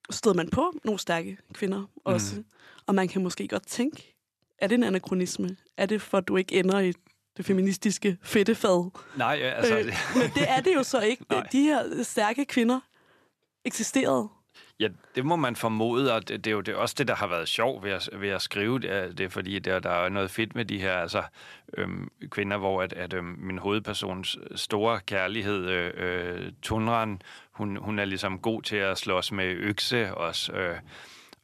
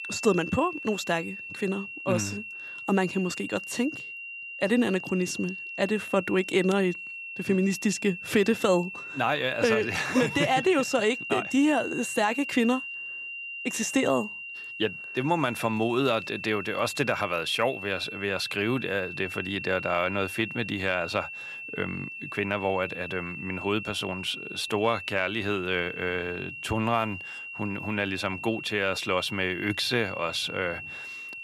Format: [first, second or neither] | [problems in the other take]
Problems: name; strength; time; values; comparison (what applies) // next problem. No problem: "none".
first | high-pitched whine; loud; throughout; 2.5 kHz, 8 dB below the speech